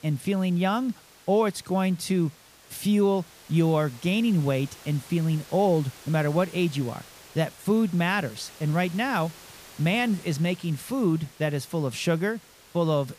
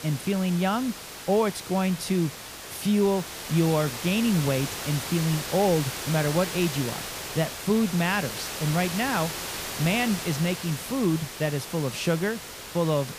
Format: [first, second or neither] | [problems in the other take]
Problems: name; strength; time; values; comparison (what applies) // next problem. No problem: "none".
first | hiss; loud; throughout; 7 dB below the speech; faint in the first